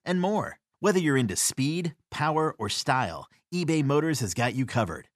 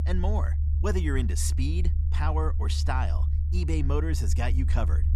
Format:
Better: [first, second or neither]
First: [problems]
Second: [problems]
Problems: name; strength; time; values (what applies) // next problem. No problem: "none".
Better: first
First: none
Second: low rumble; noticeable; throughout; 10 dB below the speech